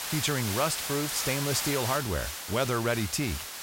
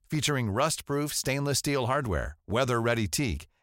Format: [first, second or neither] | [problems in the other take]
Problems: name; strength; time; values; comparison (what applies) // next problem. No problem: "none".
second | hiss; loud; throughout; 3 dB below the speech